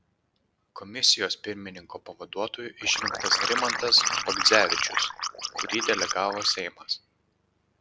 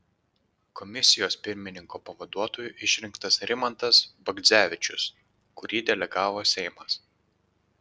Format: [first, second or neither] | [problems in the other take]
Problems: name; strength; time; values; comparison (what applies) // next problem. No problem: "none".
second | background sound (Liquid); 1 dB below the speech